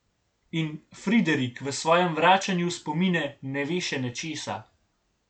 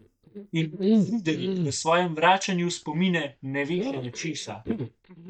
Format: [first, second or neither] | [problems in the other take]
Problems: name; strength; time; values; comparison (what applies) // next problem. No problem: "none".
first | noise reduction (neural mask model DeepFilterNet 3)